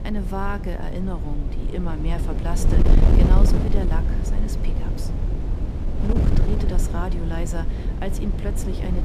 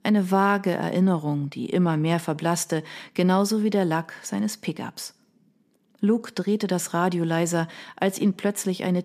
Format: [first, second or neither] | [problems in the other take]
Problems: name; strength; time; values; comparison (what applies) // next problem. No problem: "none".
second | wind noise on the microphone; heavy; 1 dB below the speech